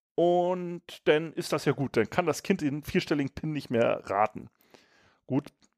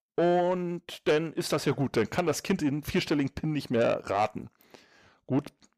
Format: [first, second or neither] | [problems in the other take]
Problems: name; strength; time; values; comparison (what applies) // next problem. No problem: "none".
first | distortion; slight; 10 dB below the speech